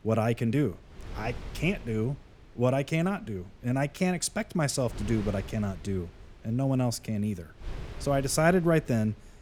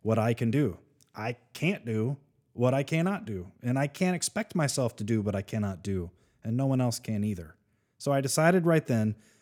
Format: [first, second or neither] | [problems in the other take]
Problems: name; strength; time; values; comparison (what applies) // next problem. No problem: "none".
second | wind noise on the microphone; occasional gusts; 20 dB below the speech